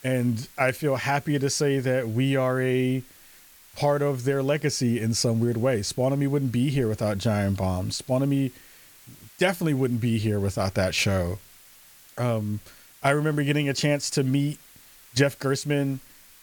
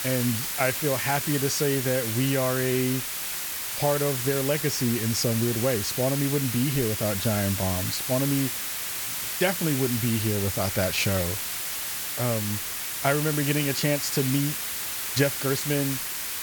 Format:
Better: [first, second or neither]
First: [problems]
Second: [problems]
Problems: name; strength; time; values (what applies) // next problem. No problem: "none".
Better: first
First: hiss; faint; throughout; 25 dB below the speech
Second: hiss; loud; throughout; 2 dB below the speech